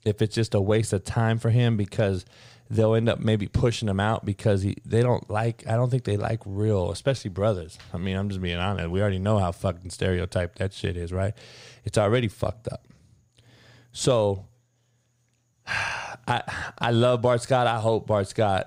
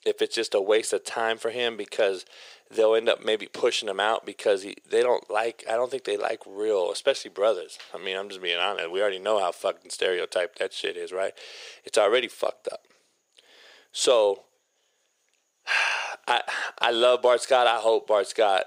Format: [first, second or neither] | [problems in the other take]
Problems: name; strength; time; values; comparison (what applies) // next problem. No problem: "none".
first | thin; very; fading below 400 Hz